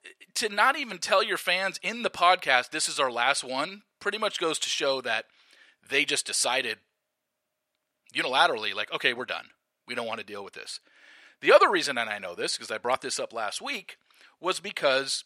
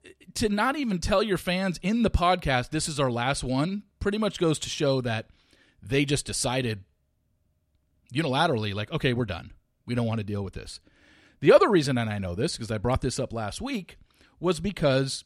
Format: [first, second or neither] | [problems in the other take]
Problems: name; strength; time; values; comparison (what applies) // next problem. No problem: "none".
second | thin; very; fading below 600 Hz